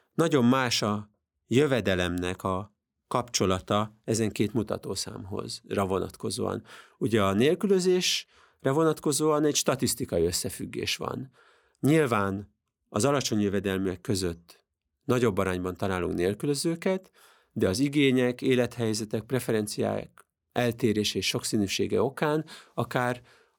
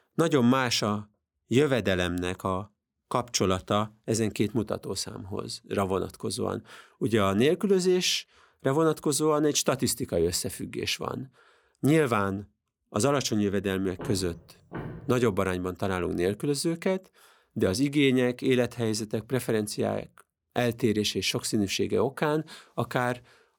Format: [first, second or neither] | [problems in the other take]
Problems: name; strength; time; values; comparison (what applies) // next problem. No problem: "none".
first | footsteps; faint; from 14 to 15 s; peak 10 dB below the speech